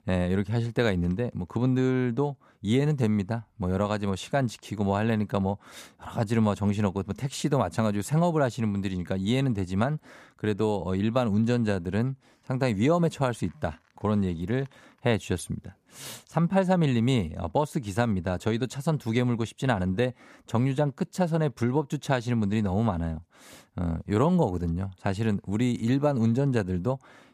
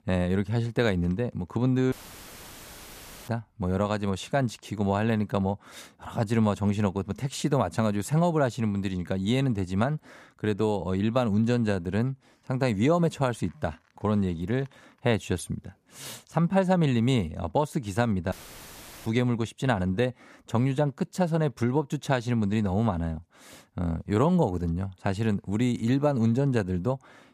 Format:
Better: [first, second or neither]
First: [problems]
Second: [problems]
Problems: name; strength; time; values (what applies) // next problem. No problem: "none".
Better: first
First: none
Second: audio cutting out; filled with static; at 2 s for 1.5 s and at 18 s for 0.5 s